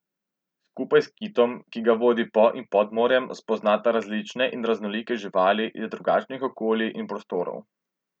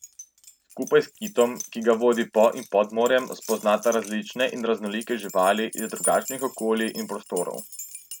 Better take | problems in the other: first | background sound (Keys jangling); 15 dB below the speech

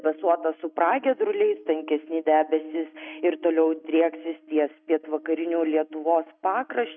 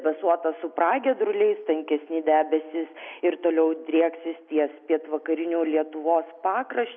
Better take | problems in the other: second | noise reduction (neural mask model RNNoise)

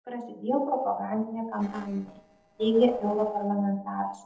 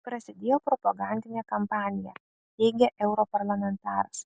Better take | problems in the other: second | noise reduction (neural separator model SepFormer DNS4)

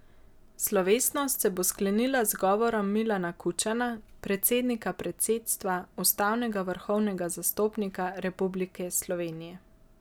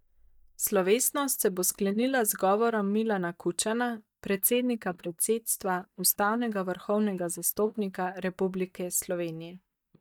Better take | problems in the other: first | noise reduction (neural mask model DeepFilterNet 3)

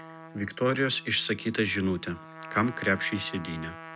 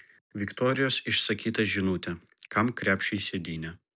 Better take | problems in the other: second | background sound (Trumpet); 15 dB below the speech

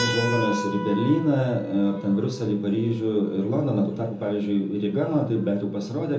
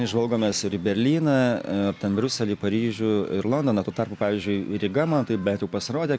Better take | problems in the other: second | background sound (Keyboard (musical)); 11 dB below the speech // room echo; dies away in 0.9 s

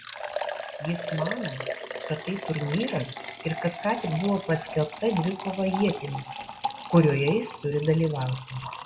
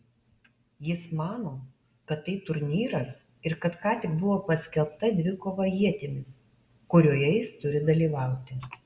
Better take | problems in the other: second | background sound (Liquid); 9 dB below the speech

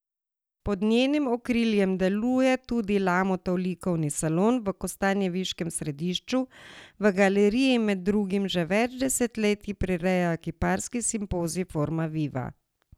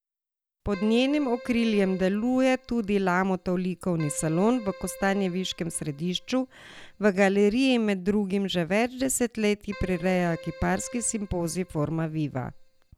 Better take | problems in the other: first | background sound (Keyboard (musical)); 20 dB below the speech

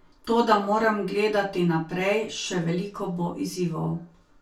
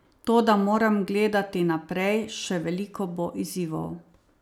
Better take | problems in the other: second | room echo; dies away in 0.2 s

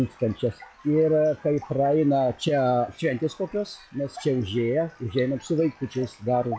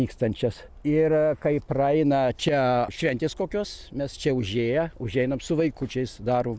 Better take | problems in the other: second | noise reduction (classical method log-MMSE)

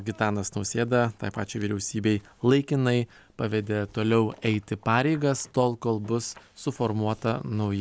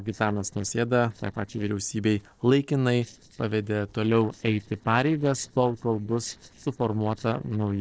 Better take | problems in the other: first | noise reduction (neural separator model SepFormer DNS4)

